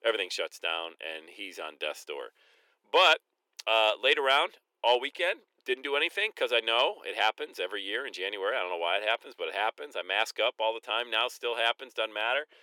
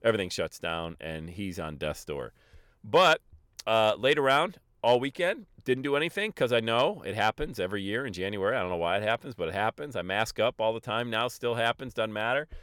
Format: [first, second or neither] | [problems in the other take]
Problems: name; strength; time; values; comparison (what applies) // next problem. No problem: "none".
second | thin; very; fading below 350 Hz